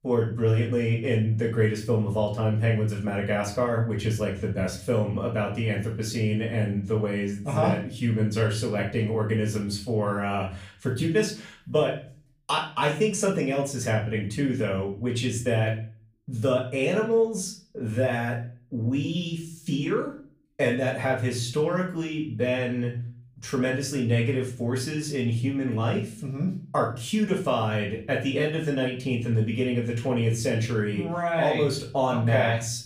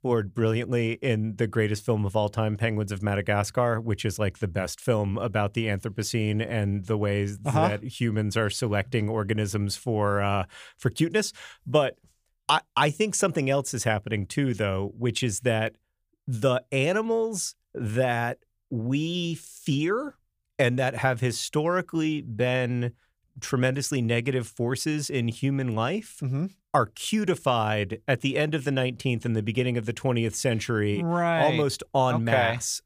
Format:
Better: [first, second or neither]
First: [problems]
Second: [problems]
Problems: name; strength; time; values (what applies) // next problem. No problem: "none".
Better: second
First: off-mic speech; far // room echo; slight; dies away in 0.4 s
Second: none